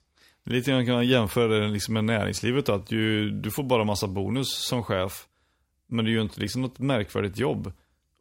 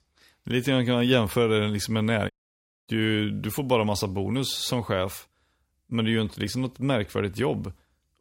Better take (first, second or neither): first